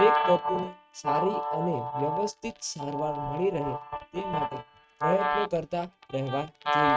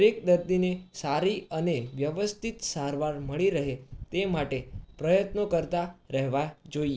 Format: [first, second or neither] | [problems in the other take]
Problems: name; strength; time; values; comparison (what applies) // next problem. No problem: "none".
second | noise reduction (neural mask model RNNoise)